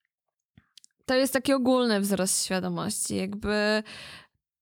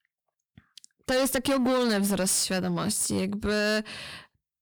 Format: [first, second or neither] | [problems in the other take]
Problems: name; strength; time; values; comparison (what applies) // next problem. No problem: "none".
first | distortion; heavy; 11% of the sound clipped